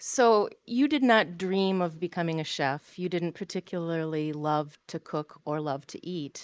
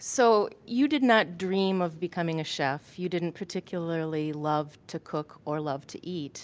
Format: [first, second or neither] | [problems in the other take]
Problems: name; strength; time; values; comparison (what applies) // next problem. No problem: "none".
second | noise reduction (neural mask model Resemble Enhance denoiser)